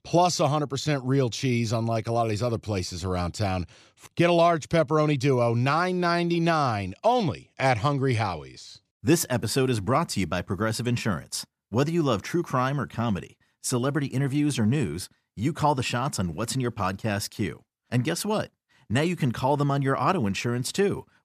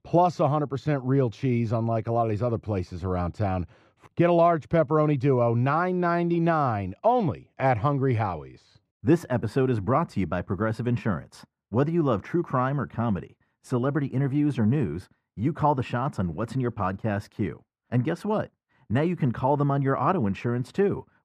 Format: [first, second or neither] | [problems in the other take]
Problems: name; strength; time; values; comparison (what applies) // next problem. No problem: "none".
first | muffled; very; fading above 3 kHz